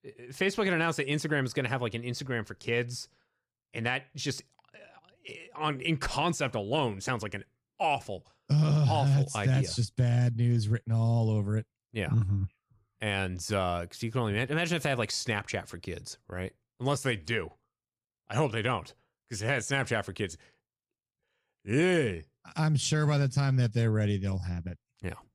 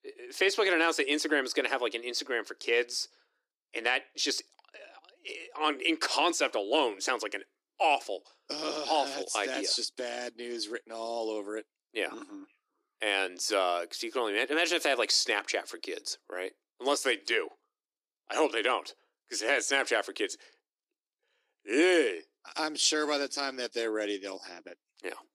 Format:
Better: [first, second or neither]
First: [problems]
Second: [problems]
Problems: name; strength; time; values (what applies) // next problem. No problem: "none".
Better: first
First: none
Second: thin; very; fading below 300 Hz